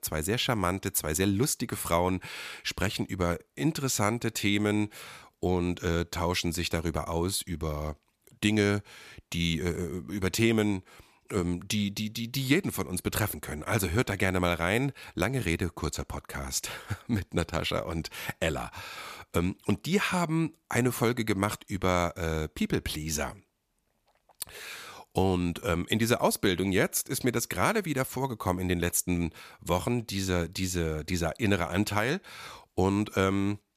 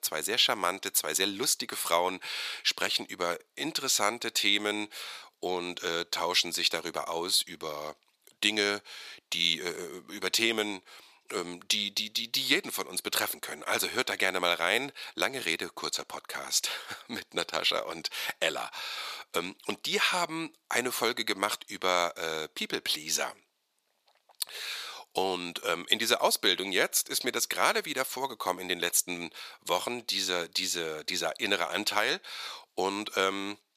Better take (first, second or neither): first